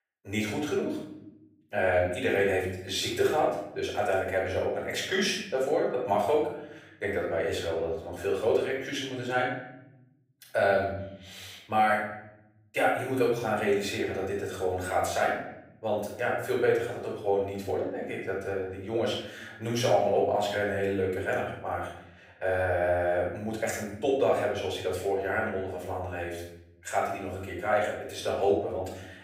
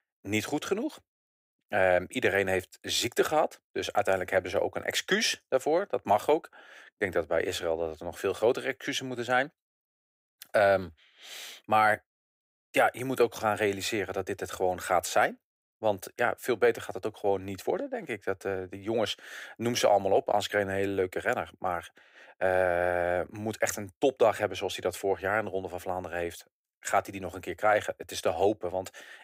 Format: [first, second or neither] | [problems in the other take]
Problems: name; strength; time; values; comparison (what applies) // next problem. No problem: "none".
second | off-mic speech; far // room echo; noticeable; dies away in 1 s